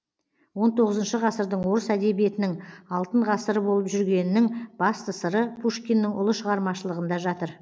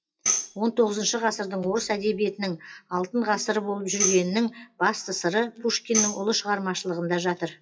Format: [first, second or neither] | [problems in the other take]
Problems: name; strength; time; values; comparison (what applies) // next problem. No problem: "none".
first | noise reduction (classical method WPE with log-MMSE)